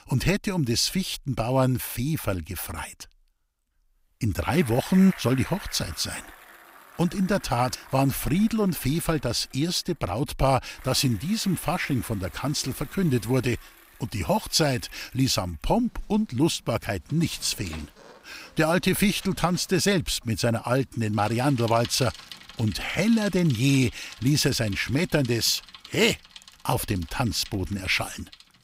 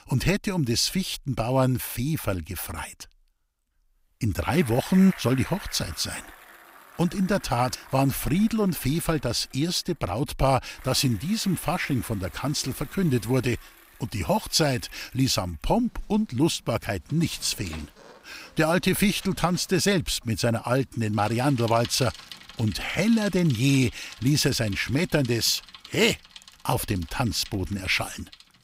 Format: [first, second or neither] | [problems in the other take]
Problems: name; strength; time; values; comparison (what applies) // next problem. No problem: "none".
neither | traffic noise; noticeable; throughout; 20 dB below the speech; the same in both